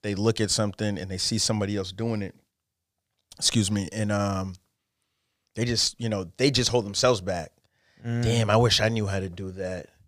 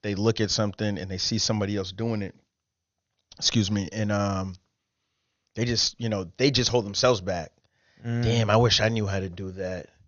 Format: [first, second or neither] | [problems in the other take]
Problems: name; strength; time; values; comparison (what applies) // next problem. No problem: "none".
first | garbled, watery; slightly; nothing above 6.5 kHz